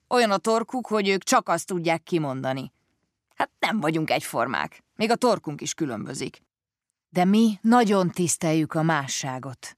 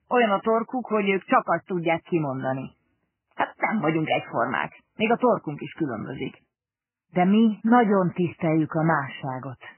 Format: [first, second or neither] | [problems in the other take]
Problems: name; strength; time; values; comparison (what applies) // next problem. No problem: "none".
first | garbled, watery; badly; nothing above 3 kHz